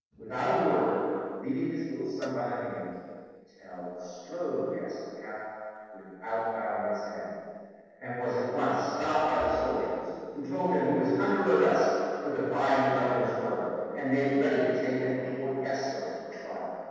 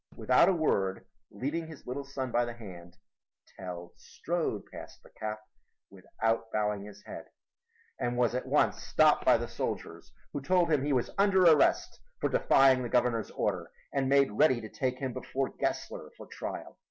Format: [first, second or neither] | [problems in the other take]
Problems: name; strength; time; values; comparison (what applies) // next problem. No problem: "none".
second | noise reduction (neural separator model SepFormer DNS4)